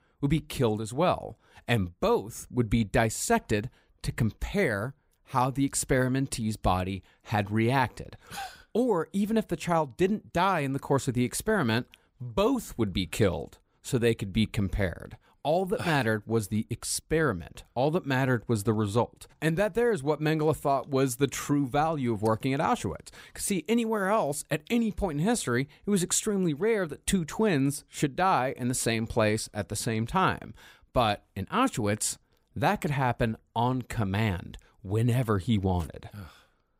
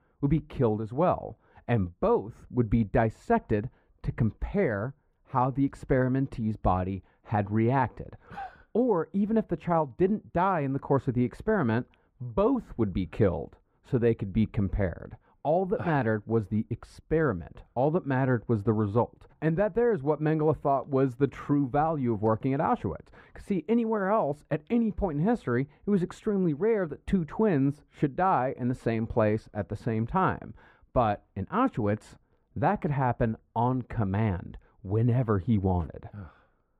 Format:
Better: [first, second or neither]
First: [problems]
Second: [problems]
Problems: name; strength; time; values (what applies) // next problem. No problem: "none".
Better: first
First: none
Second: muffled; very; fading above 3.5 kHz